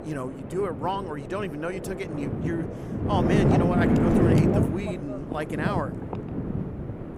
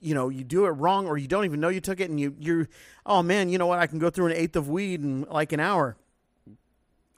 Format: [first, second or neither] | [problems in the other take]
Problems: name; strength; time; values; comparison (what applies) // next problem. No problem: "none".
second | wind noise on the microphone; heavy; 1 dB above the speech